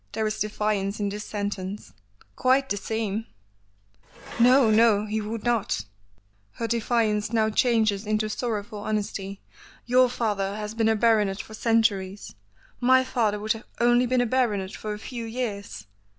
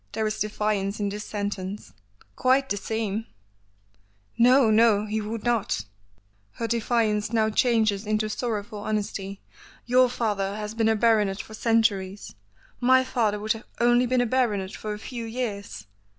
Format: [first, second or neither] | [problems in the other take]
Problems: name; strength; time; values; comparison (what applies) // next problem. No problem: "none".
second | background sound (Dishes, pots, and pans); 17 dB below the speech